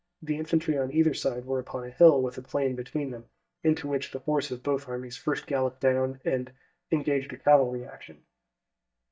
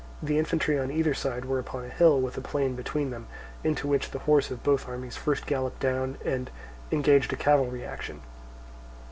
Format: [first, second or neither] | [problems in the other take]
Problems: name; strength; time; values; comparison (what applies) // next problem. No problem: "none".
second | noise reduction (neural mask model DeepFilterNet 3)